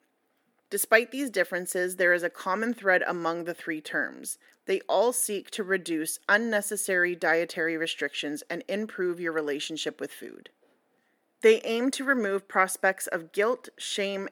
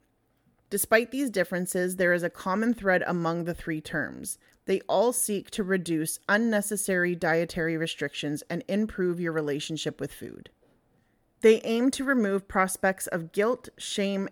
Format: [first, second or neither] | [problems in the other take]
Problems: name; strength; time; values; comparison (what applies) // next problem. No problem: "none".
second | thin; very slightly; fading below 250 Hz